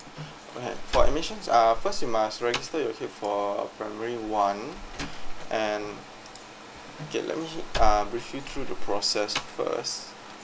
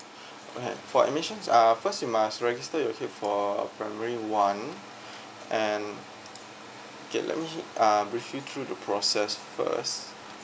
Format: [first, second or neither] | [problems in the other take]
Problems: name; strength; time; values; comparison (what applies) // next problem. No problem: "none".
second | background sound (Slam); 2 dB below the speech